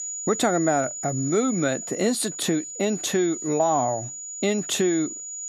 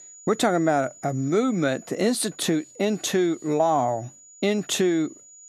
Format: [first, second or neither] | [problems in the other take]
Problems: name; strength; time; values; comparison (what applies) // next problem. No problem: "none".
second | high-pitched whine; loud; throughout; 7 kHz, 7 dB below the speech; faint in the second